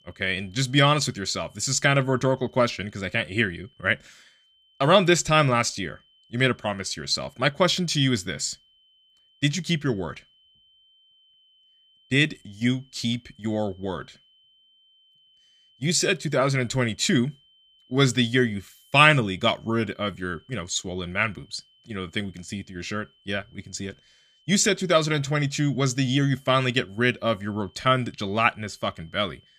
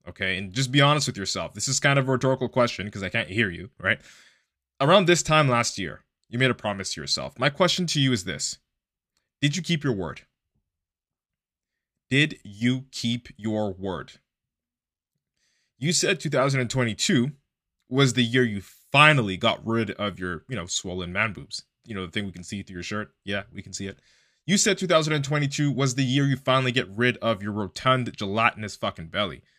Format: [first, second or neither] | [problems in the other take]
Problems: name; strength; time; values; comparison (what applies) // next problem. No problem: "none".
second | high-pitched whine; faint; throughout; 3 kHz, 35 dB below the speech